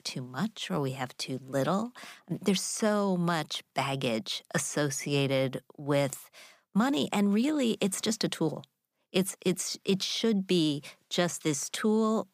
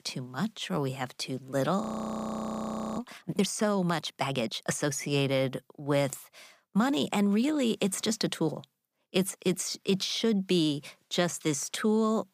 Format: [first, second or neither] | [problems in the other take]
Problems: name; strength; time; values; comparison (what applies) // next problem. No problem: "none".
first | audio freezing; at 2 s for 1 s